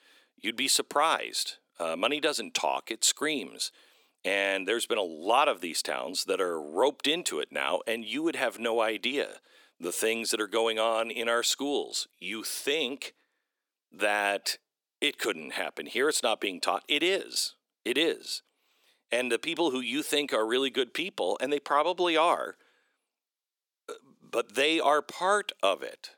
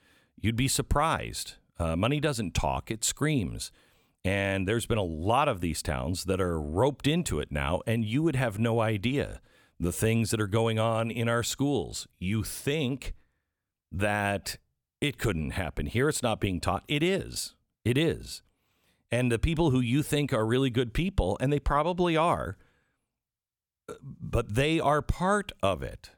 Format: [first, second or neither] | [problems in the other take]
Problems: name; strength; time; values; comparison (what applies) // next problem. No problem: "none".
second | thin; somewhat; fading below 300 Hz